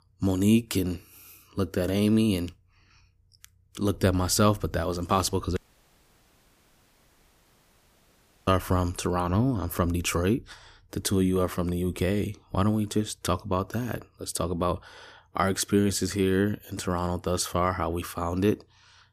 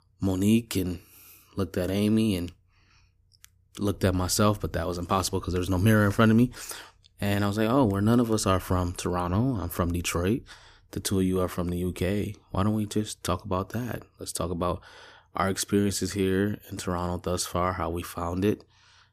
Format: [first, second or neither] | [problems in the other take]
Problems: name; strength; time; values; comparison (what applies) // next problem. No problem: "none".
second | audio cutting out; at 5.5 s for 3 s